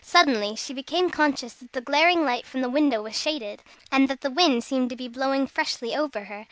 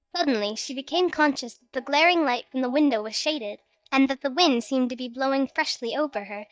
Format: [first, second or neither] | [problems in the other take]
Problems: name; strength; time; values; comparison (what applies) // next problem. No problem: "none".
first | noise reduction (neural mask model DeepFilterNet 3)